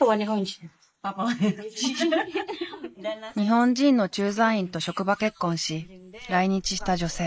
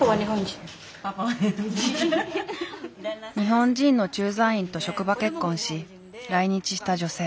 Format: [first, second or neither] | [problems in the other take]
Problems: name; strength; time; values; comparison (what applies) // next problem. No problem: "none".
second | noise reduction (neural mask model Resemble Enhance denoiser)